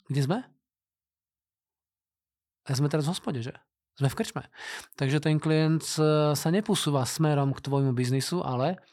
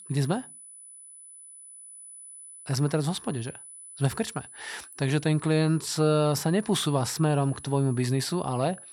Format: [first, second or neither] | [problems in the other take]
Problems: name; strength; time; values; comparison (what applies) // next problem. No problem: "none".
first | high-pitched whine; noticeable; throughout; 10 kHz, 15 dB below the speech